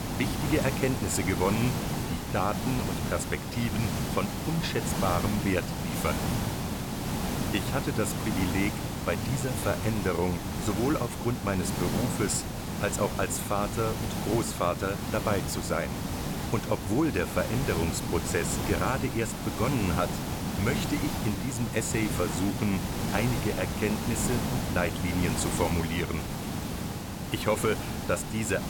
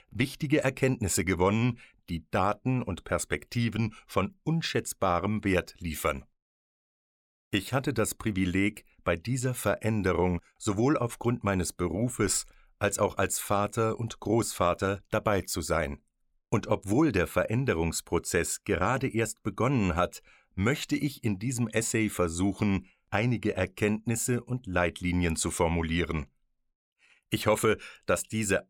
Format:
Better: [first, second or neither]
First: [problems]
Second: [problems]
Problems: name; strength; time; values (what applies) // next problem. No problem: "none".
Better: second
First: hiss; loud; throughout; 2 dB below the speech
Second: none